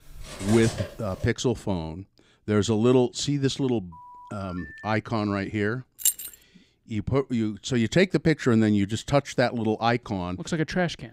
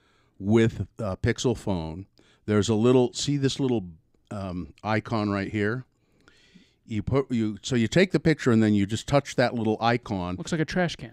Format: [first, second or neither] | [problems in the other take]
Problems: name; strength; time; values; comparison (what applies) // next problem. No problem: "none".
second | clattering dishes; noticeable; until 1.5 s; peak 8 dB below the speech // phone ringing; faint; from 4 to 5 s; peak 15 dB below the speech // jangling keys; loud; at 6 s; peak 1 dB above the speech